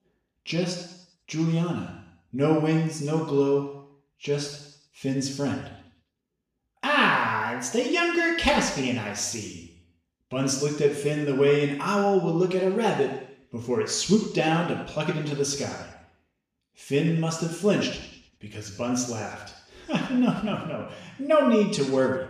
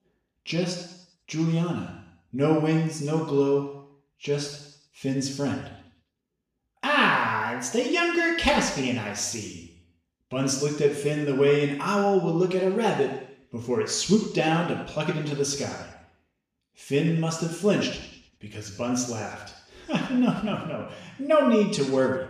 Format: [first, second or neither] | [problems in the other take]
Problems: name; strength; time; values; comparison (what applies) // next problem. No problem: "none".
neither | room echo; noticeable; dies away in 0.9 s; the same in both // off-mic speech; far; the same in both